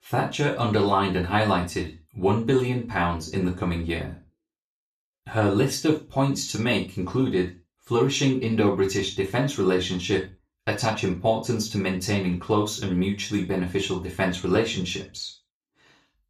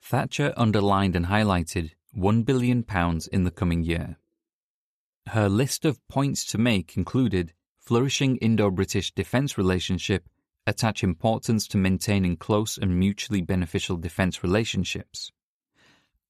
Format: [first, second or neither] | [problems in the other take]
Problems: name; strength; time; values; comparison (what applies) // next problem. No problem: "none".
second | room echo; slight; dies away in 0.3 s // off-mic speech; far